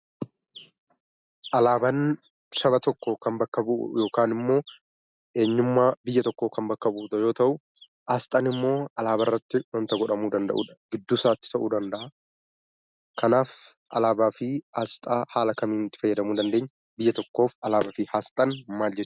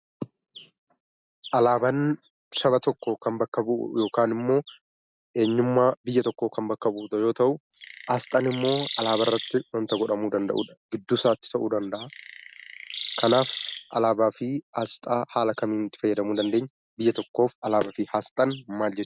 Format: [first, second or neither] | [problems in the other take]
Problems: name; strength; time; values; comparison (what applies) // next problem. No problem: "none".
first | background sound (Chirp, tweet); 10 dB below the speech